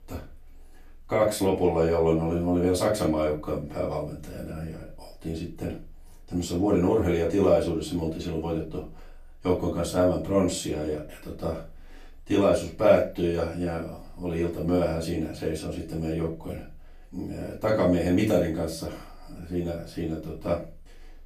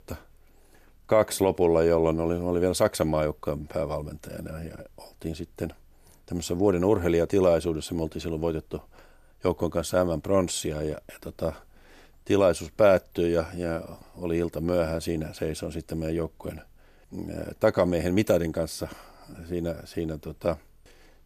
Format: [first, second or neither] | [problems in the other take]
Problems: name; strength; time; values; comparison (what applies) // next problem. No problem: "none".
second | off-mic speech; far // room echo; slight; dies away in 0.3 s